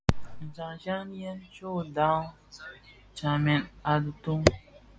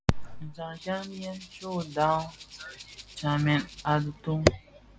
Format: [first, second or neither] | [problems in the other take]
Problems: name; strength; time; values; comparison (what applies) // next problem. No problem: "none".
first | background sound (Rattle (instrument)); 20 dB below the speech